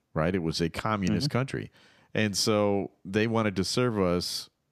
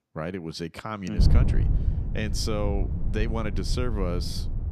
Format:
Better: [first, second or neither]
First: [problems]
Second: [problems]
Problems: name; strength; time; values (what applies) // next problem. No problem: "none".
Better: first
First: none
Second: wind noise on the microphone; heavy; from 1 s on; 8 dB below the speech